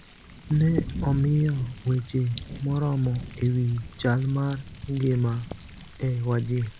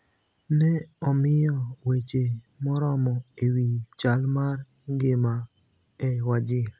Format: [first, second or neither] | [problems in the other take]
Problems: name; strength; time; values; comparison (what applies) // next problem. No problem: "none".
second | background sound (Thunder); 12 dB below the speech